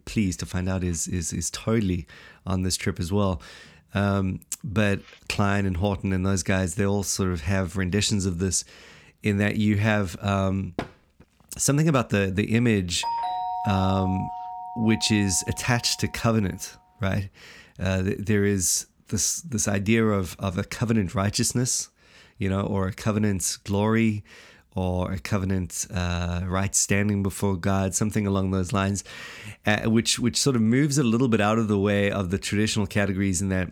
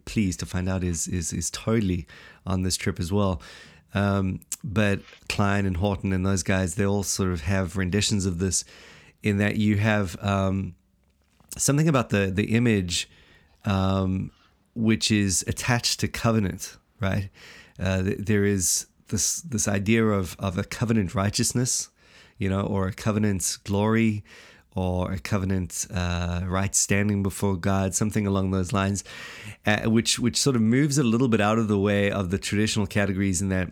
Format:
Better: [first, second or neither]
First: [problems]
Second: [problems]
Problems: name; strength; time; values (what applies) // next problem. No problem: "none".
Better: second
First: door banging; faint; at 11 s; peak 10 dB below the speech // doorbell; noticeable; from 13 to 16 s; peak 3 dB below the speech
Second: none